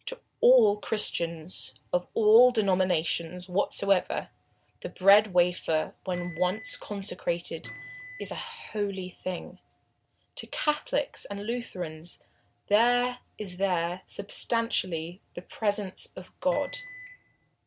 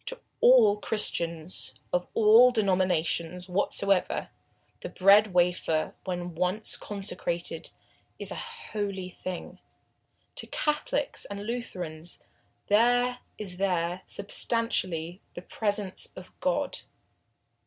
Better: second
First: background sound (Microwave oven); 16 dB below the speech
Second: none

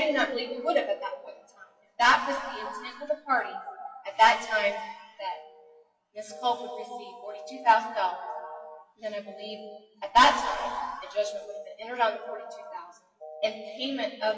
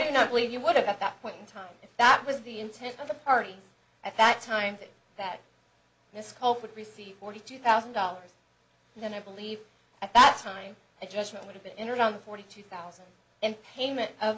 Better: second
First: noise reduction (classical method WPE with log-MMSE)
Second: none

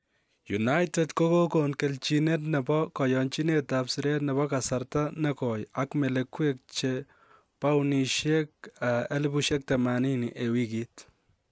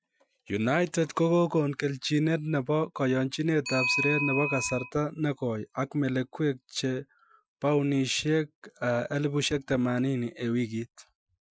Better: first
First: none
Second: noise reduction (classical method Wiener filter)

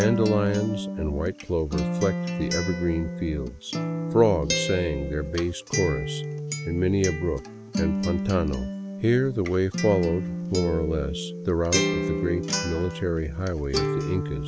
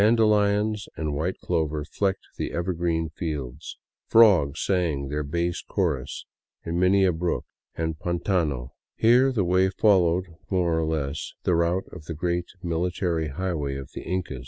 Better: second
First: background sound (Acoustic guitar); 3 dB below the speech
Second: none

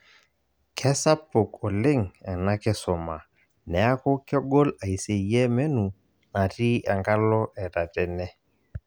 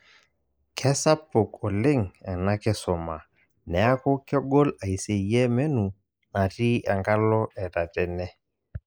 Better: first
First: none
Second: noise reduction (neural mask model Resemble Enhance denoiser)

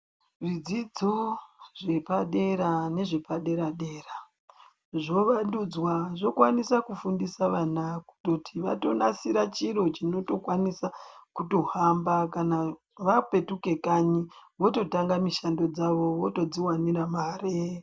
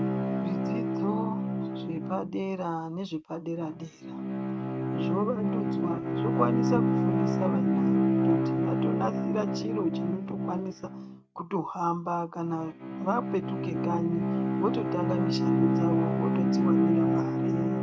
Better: first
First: none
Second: noise reduction (neural mask model RNNoise)

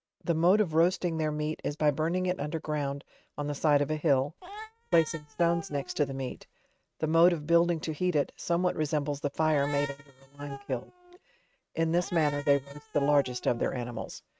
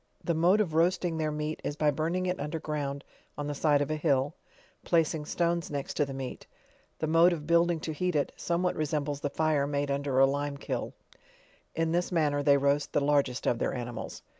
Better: second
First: noise reduction (neural mask model RNNoise)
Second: none

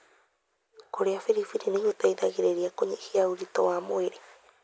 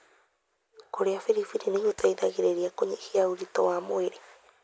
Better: first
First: none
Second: background sound (Clapping); 20 dB below the speech

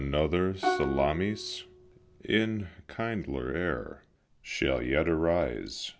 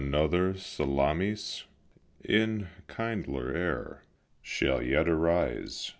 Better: second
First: background sound (Plucked string instrument); 6 dB below the speech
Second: none

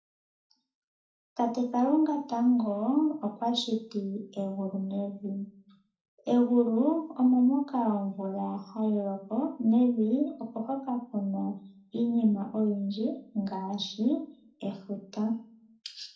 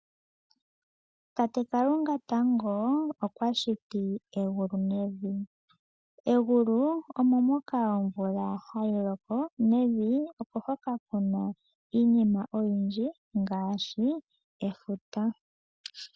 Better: second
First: room echo; dies away in 0.3 s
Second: none

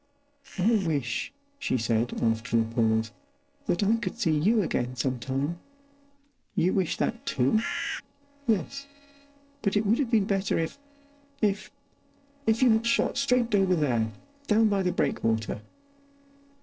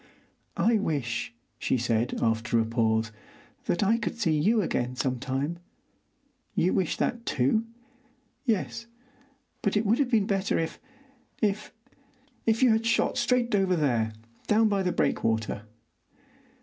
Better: second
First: noise reduction (neural separator model SepFormer DNS4)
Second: none

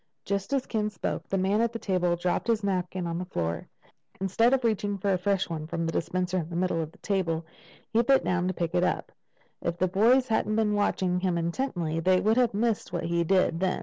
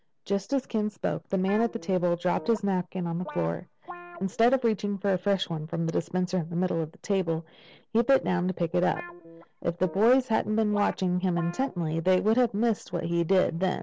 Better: first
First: none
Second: background sound (Guitar); 18 dB below the speech

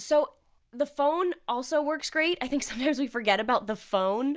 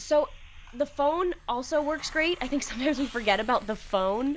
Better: first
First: none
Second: background sound (Hiss); 17 dB below the speech

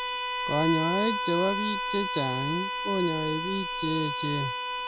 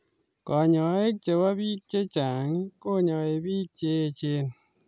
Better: second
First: background sound (Bowed string instrument); 1 dB below the speech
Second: none

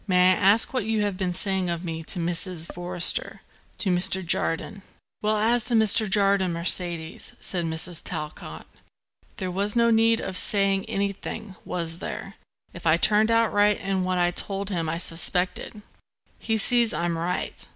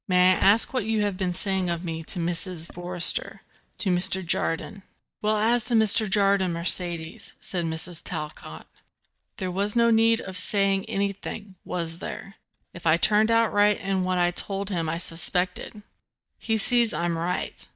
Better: first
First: none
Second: noise reduction (neural mask model DeepFilterNet 3)

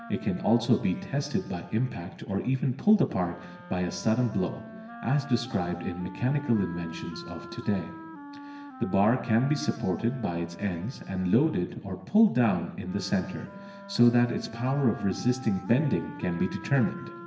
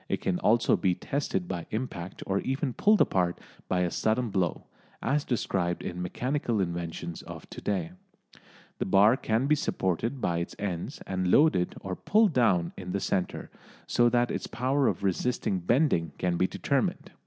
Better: second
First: background sound (Wind instrument, woodwind instrument); 16 dB below the speech // room echo; dies away in 1 s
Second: none

